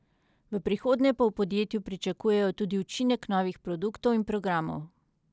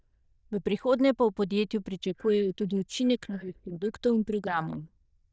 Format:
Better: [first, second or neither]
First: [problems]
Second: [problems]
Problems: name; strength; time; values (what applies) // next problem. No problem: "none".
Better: first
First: none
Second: noise reduction (neural diffusion model UNIVERSE++)